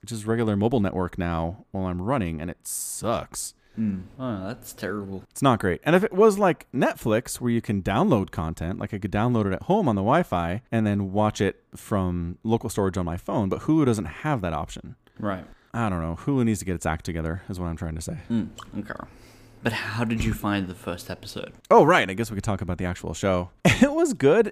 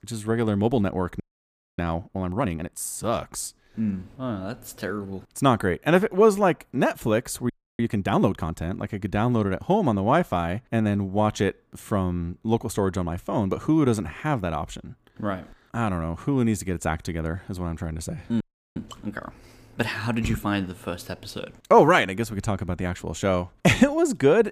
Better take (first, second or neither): first